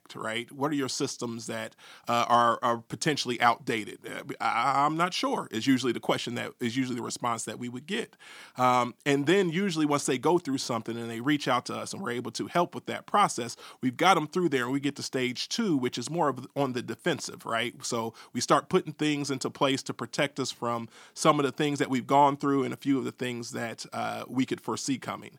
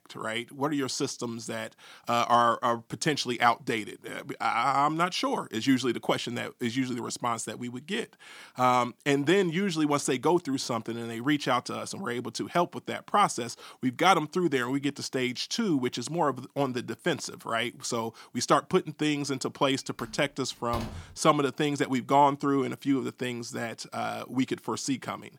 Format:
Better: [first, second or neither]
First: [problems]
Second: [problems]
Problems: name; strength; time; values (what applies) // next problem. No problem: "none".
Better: first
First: none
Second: door banging; faint; from 20 to 21 s; peak 10 dB below the speech